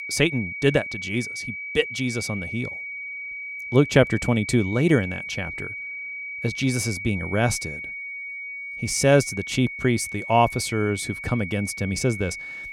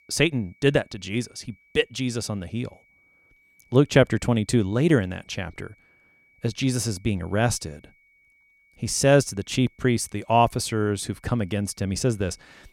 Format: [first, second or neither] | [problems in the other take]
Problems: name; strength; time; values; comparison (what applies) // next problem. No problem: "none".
second | high-pitched whine; loud; throughout; 2.5 kHz, 8 dB below the speech; faint in the second